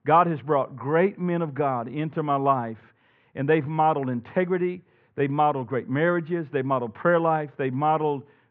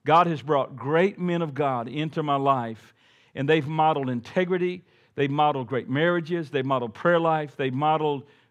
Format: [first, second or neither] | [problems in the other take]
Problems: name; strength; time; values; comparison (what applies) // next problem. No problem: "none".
second | muffled; very; fading above 2 kHz